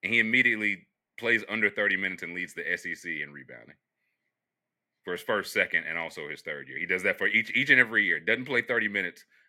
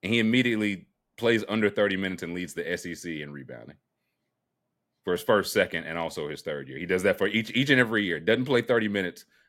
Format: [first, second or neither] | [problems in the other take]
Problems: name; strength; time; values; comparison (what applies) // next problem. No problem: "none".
second | thin; somewhat; fading below 300 Hz